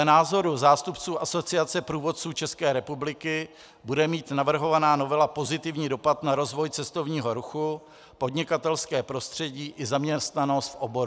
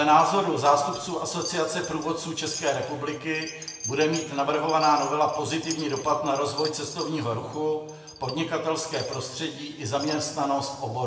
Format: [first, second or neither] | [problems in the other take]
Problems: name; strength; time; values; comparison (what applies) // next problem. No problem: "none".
first | background sound (Wind chime); 15 dB below the speech // room echo; dies away in 1.2 s